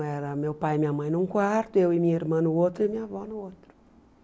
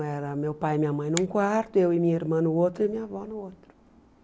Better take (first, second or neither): first